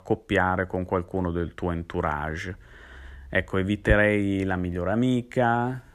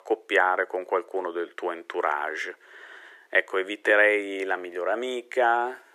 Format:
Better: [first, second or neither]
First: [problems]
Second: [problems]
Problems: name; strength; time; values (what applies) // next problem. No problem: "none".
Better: first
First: none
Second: thin; very; fading below 350 Hz